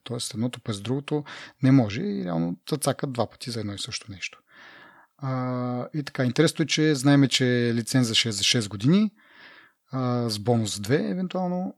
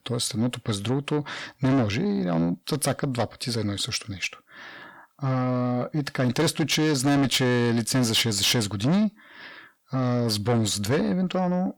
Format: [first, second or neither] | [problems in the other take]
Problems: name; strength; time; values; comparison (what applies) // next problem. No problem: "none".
first | distortion; heavy; 7 dB below the speech